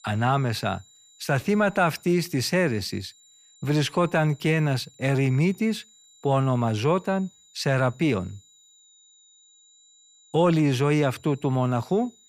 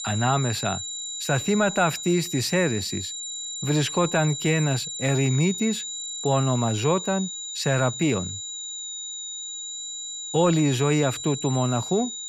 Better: first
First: high-pitched whine; faint; throughout; 7 kHz, 30 dB below the speech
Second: high-pitched whine; loud; throughout; 7 kHz, 7 dB below the speech

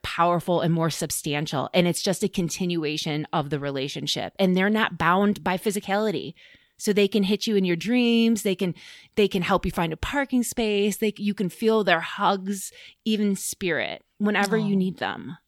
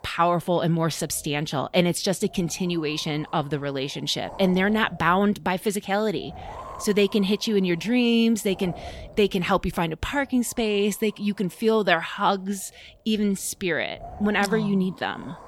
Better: first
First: none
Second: wind noise on the microphone; occasional gusts; 20 dB below the speech

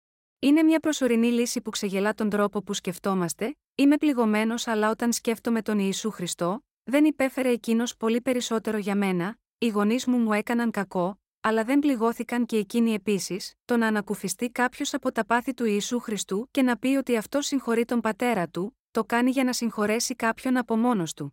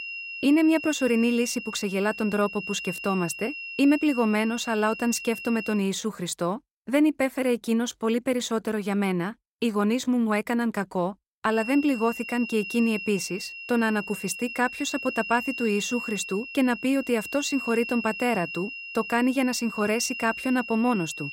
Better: first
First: none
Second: high-pitched whine; loud; until 6 s and from 12 s on; 3 kHz, 9 dB below the speech

